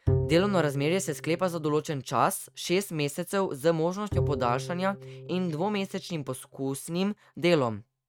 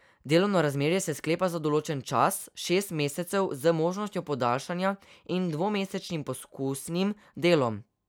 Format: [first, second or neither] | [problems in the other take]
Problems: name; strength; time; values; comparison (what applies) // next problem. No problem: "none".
second | noise reduction (neural mask model RNNoise)